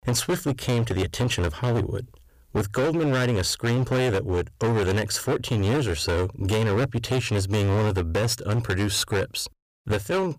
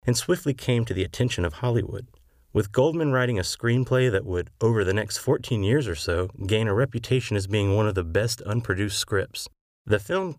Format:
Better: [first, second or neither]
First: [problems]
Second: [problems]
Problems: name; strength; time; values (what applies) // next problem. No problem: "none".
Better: second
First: distortion; heavy; 23% of the sound clipped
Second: none